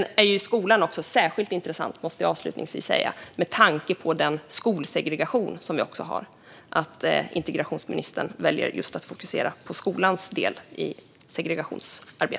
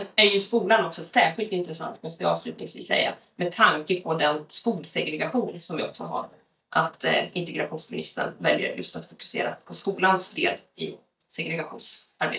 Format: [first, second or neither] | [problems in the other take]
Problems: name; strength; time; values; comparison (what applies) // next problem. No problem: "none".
first | noise reduction (neural mask model DeepFilterNet 3)